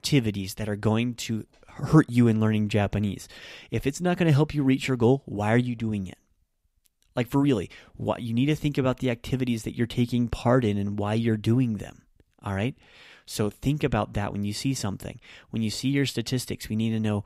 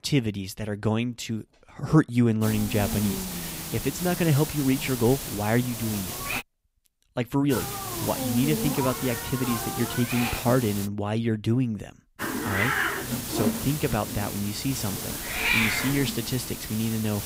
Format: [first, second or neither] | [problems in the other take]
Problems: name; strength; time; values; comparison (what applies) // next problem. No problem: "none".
first | hiss; loud; from 2.5 to 6.5 s, from 7.5 to 11 s and from 12 s on; 3 dB below the speech